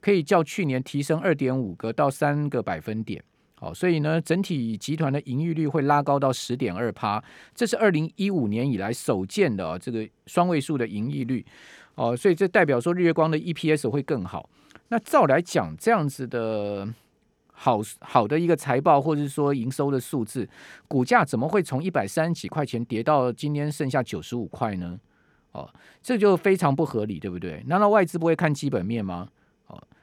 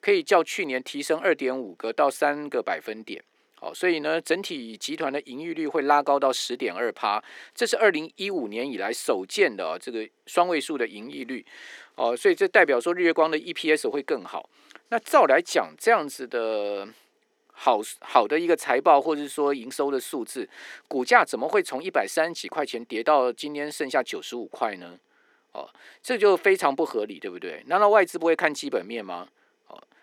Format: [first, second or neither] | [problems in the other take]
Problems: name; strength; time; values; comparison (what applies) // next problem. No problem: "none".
first | thin; somewhat; fading below 300 Hz